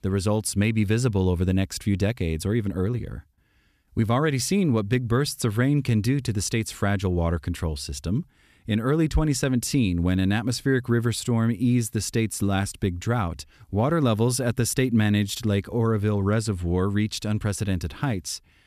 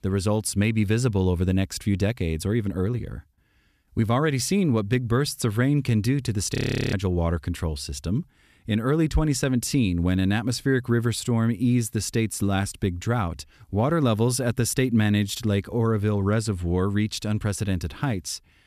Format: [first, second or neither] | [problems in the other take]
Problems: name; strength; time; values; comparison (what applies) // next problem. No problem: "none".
first | audio freezing; at 6.5 s